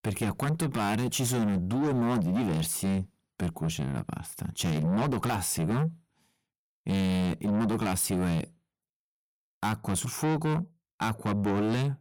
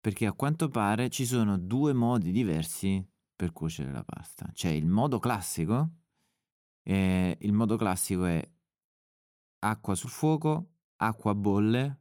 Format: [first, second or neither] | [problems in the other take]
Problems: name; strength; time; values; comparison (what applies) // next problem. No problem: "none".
second | distortion; heavy; 6 dB below the speech